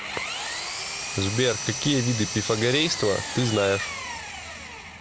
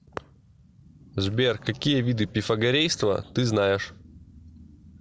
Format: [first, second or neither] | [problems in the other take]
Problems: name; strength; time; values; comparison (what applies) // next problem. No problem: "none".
second | background sound (Engine); 6 dB below the speech